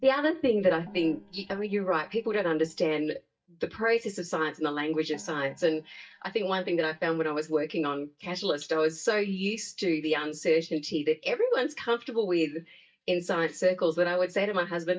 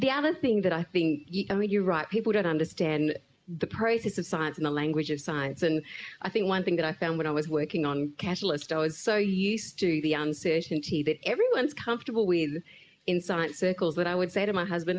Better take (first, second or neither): second